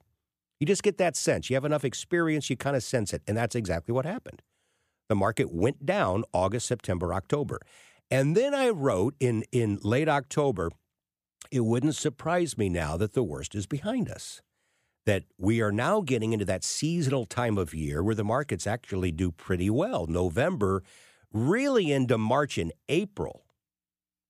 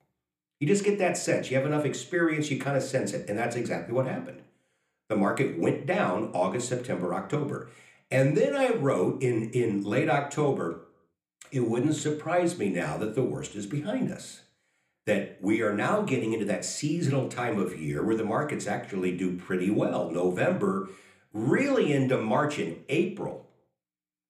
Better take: first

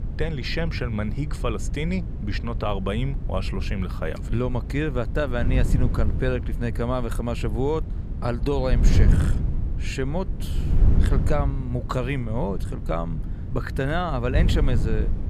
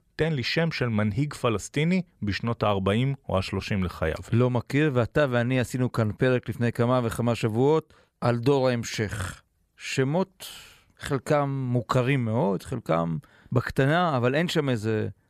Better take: second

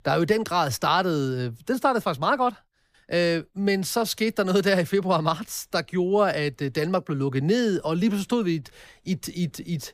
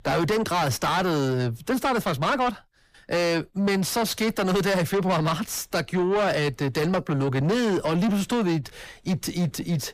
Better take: first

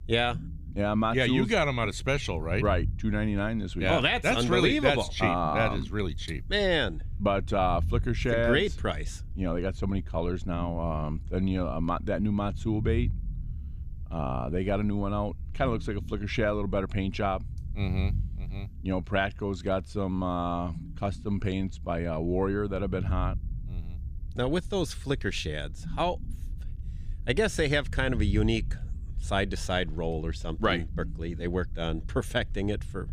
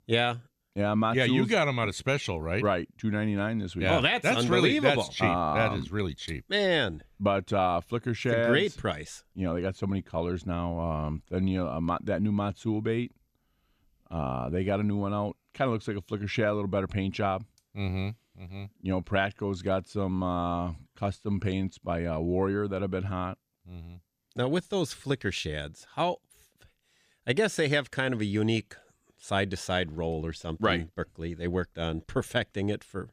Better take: second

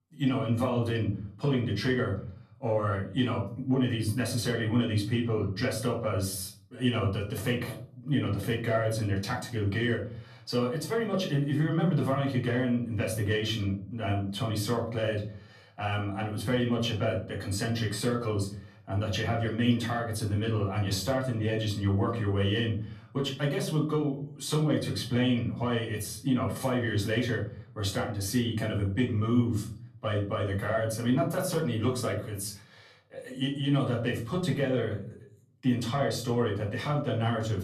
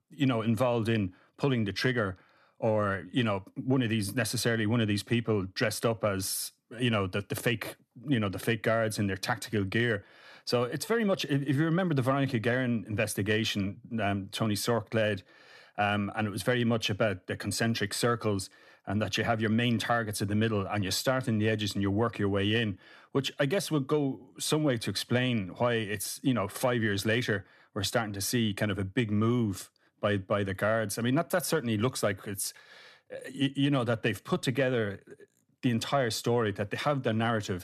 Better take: second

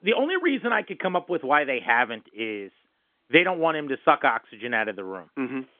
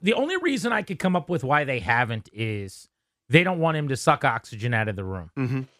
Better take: second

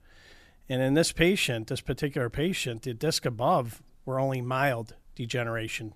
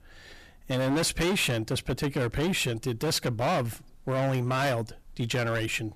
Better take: first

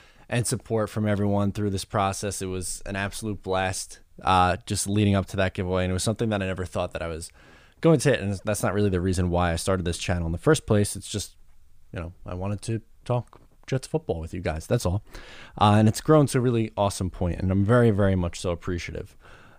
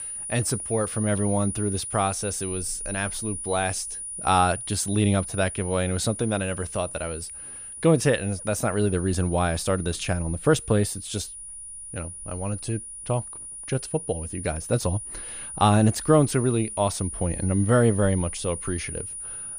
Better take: first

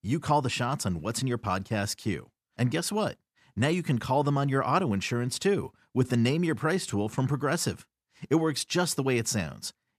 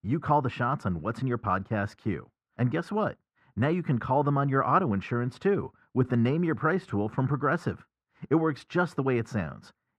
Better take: first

